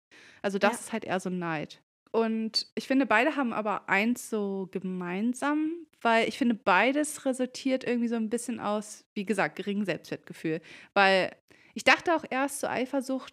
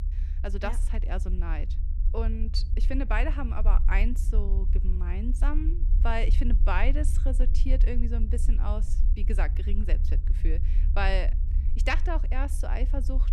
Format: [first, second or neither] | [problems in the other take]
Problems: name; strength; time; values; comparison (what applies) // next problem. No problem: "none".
first | low rumble; noticeable; throughout; 15 dB below the speech